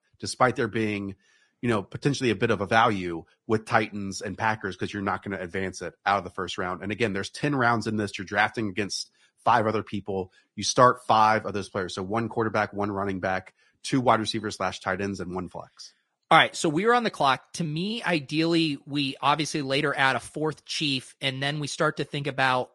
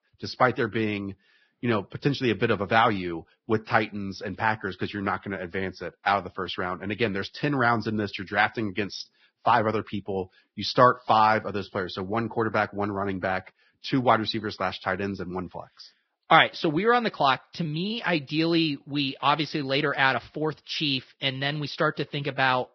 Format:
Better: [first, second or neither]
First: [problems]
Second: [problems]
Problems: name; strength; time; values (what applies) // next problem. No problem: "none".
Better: first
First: garbled, watery; slightly; nothing above 10.5 kHz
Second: garbled, watery; badly; nothing above 5.5 kHz